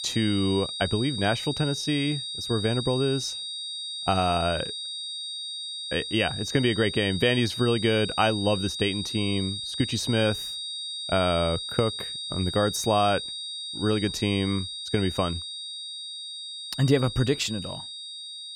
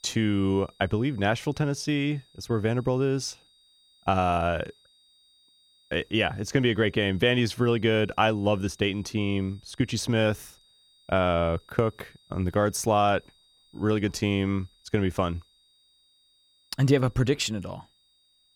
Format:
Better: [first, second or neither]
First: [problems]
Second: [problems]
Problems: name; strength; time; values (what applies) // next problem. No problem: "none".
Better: second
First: high-pitched whine; loud; throughout; 4 kHz, 6 dB below the speech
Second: high-pitched whine; faint; throughout; 4 kHz, 35 dB below the speech